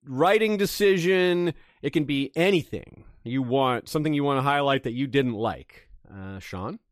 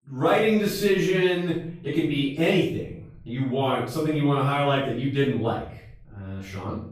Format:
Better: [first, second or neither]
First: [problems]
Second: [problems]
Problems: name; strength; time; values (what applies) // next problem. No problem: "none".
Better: first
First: none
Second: off-mic speech; far // room echo; noticeable; dies away in 0.5 s